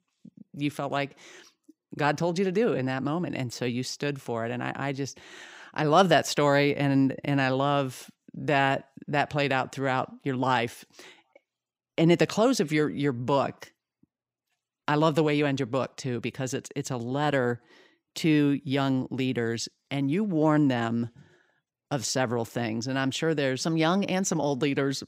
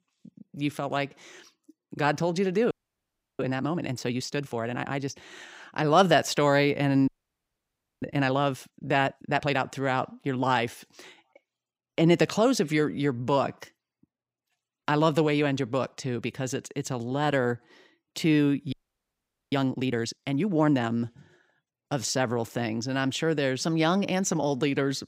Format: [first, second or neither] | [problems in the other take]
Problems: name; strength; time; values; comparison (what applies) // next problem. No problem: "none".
first | audio freezing; at 2.5 s for 0.5 s, at 7 s for 1 s and at 19 s for 1 s